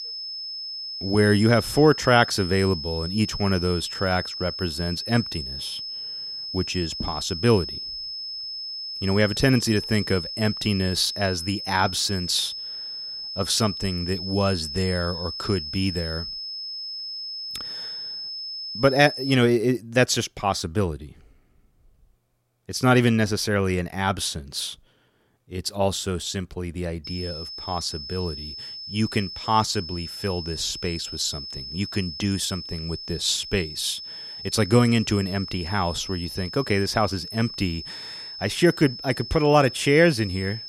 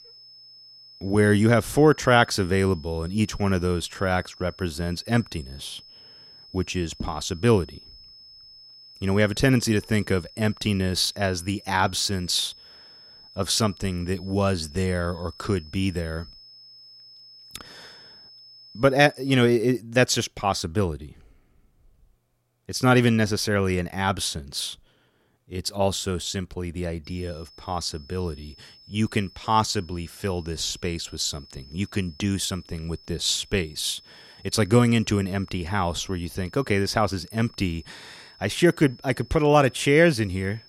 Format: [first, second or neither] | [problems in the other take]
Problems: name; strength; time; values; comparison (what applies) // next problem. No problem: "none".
second | high-pitched whine; loud; until 19 s and from 27 s on; 5 kHz, 8 dB below the speech; faint in the second